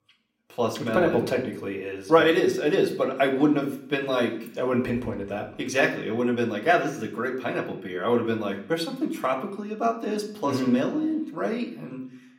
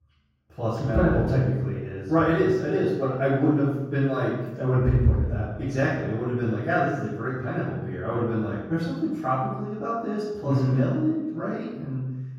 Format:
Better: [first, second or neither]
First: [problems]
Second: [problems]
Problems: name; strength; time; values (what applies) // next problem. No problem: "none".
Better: first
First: room echo; slight; dies away in 0.7 s // off-mic speech; somewhat distant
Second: room echo; strong; dies away in 1.3 s // off-mic speech; far